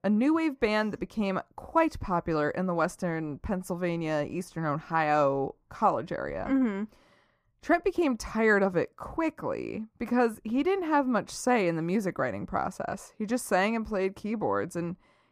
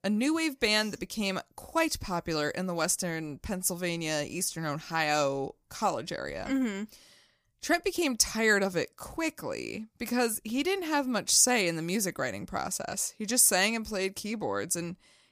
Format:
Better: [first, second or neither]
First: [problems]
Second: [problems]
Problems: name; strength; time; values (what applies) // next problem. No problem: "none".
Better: second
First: muffled; very; fading above 2.5 kHz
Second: none